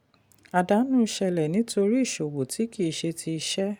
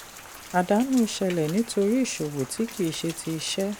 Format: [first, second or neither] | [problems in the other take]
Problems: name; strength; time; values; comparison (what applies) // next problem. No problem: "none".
first | background sound (Rain); 16 dB below the speech